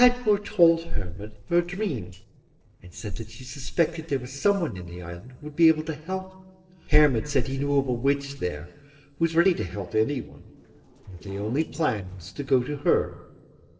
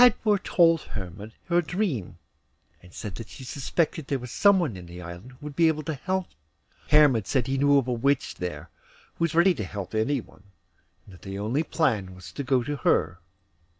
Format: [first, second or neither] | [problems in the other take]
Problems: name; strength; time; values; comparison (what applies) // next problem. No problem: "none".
second | noise reduction (neural separator model SepFormer DNS4)